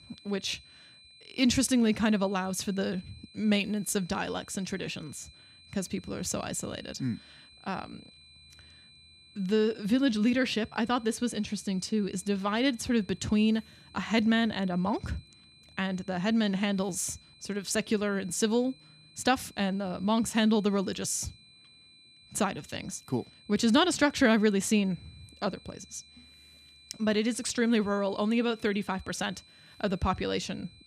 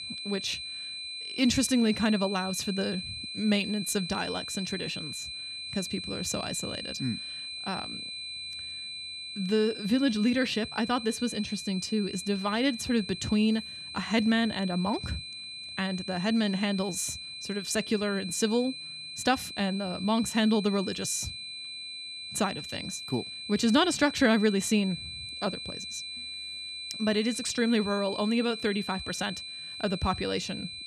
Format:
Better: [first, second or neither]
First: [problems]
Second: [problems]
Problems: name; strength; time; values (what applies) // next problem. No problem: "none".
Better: first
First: high-pitched whine; faint; throughout; 4 kHz, 25 dB below the speech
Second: high-pitched whine; loud; throughout; 4 kHz, 8 dB below the speech